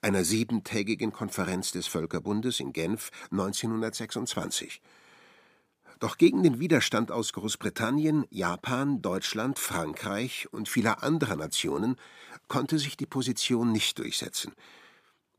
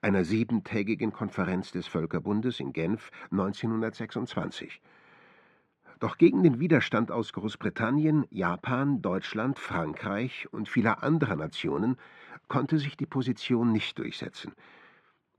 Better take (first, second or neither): first